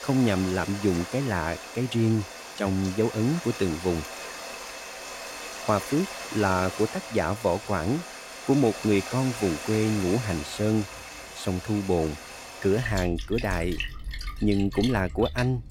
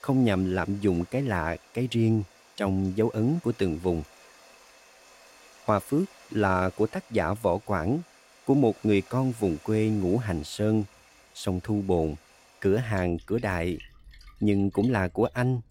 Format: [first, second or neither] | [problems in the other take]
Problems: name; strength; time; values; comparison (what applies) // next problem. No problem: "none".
second | rain or running water; loud; throughout; 10 dB below the speech; faint in the second